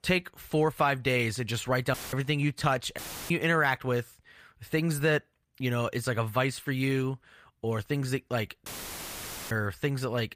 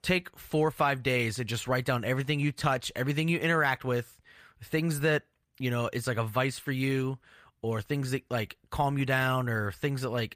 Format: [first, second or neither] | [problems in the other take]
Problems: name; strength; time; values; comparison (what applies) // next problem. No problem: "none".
second | audio cutting out; filled with static; at 2 s, at 3 s and at 8.5 s for 1 s